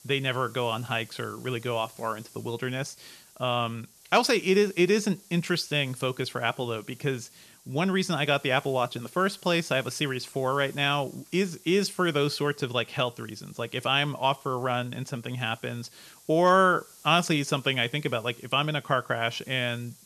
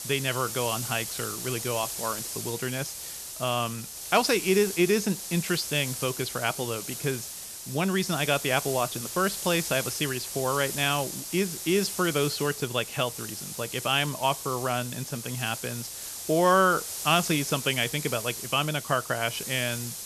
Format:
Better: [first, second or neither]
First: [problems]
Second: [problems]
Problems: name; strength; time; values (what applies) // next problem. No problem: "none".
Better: first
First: hiss; faint; throughout; 25 dB below the speech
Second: hiss; loud; throughout; 6 dB below the speech